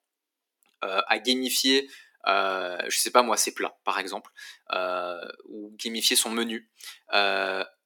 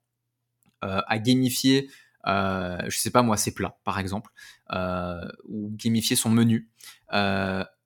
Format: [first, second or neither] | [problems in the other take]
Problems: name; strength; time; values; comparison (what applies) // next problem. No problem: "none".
second | thin; somewhat; fading below 300 Hz